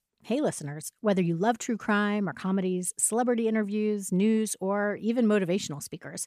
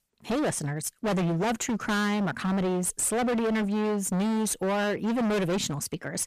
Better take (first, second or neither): first